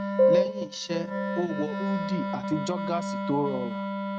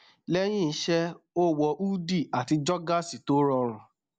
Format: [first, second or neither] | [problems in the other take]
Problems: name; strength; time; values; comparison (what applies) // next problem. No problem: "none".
second | noise reduction (neural mask model RNNoise)